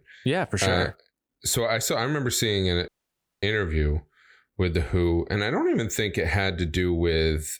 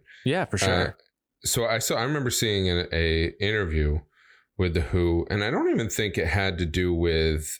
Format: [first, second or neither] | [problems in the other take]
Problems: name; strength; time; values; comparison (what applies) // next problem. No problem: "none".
second | audio cutting out; at 3 s for 0.5 s